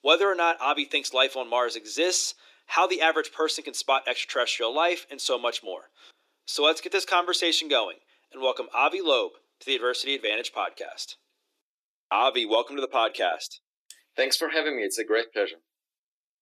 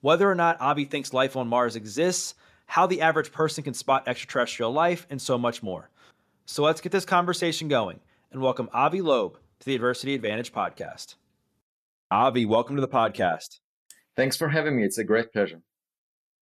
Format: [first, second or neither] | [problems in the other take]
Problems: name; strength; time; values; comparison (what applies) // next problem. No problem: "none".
second | thin; somewhat; fading below 300 Hz